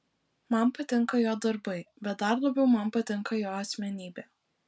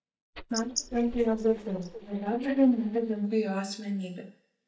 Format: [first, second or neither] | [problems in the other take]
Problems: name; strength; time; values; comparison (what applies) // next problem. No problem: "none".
first | noise reduction (neural mask model DeepFilterNet 3)